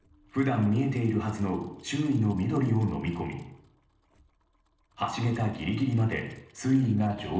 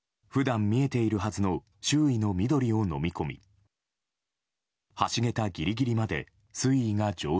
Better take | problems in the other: second | noise reduction (neural separator model SepFormer DNS4)

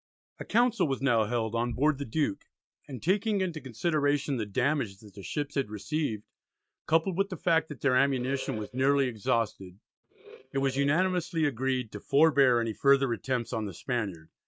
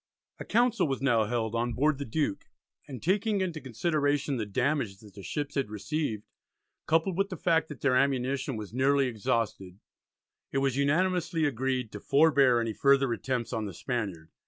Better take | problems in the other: second | noise reduction (neural mask model RNNoise)

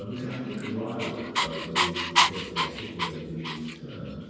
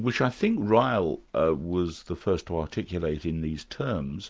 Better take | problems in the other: second | background sound (Dog); 4 dB above the speech // room echo; dies away in 2 s

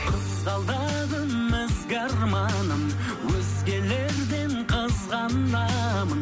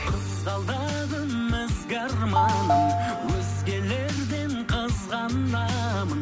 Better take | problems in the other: first | background sound (Telephone); 1 dB below the speech

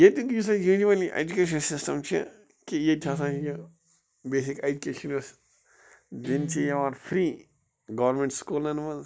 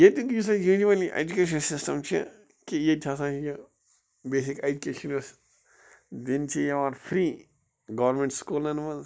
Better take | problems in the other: second | background sound (Guitar); 13 dB below the speech

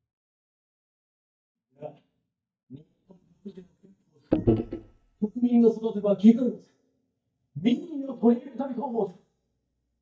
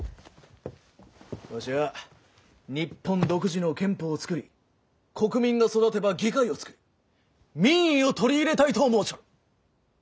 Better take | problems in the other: second | noise reduction (neural mask model DeepFilterNet 3)

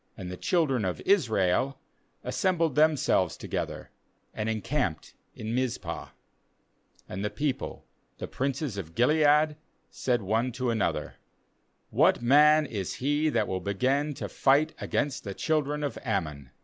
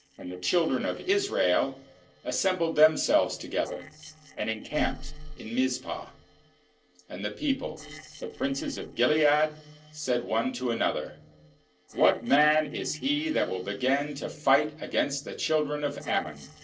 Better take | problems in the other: first | noise reduction (neural separator model SepFormer DNS4)

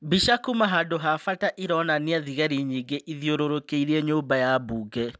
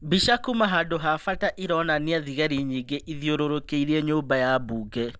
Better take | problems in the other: first | background sound (Cricket); 17 dB below the speech

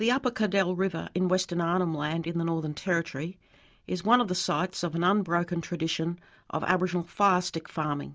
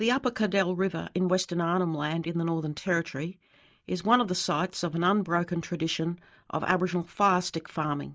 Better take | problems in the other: first | noise reduction (neural mask model Resemble Enhance denoiser)

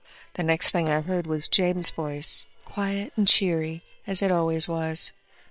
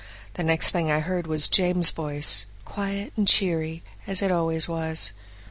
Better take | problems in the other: second | noise reduction (neural separator model SepFormer WHAM!)

